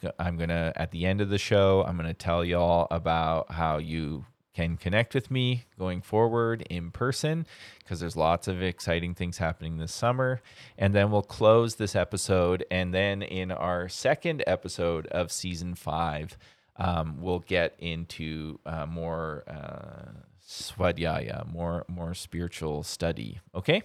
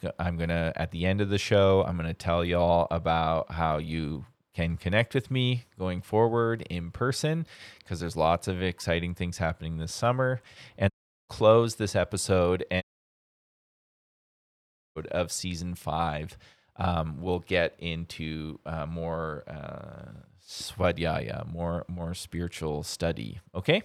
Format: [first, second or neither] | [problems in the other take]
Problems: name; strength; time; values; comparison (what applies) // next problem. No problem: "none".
first | audio cutting out; at 11 s and at 13 s for 2 s